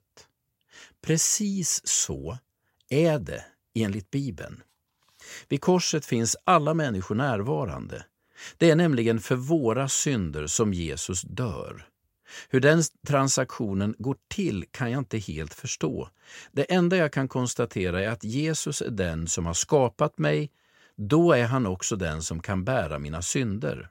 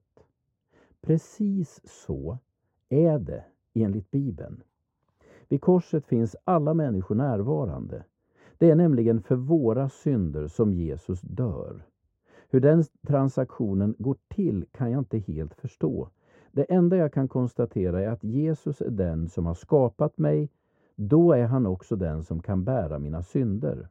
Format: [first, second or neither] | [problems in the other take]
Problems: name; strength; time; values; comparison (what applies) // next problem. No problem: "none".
first | muffled; very; fading above 1.5 kHz